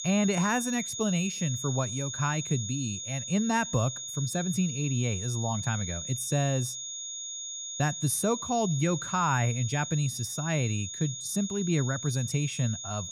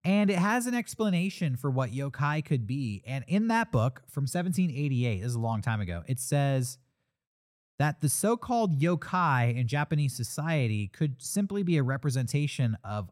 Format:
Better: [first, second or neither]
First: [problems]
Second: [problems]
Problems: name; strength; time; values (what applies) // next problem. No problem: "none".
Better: second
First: high-pitched whine; loud; throughout; 6.5 kHz, 5 dB below the speech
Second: none